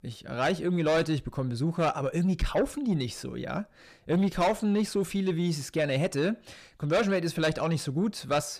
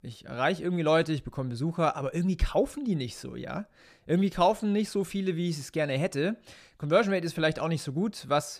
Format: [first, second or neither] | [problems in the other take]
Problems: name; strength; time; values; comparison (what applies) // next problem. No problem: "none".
second | distortion; slight; 10 dB below the speech